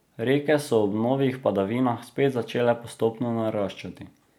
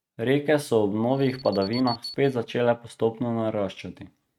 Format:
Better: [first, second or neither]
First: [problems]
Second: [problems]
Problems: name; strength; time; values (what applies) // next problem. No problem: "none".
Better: first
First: none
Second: noise reduction (neural mask model RNNoise)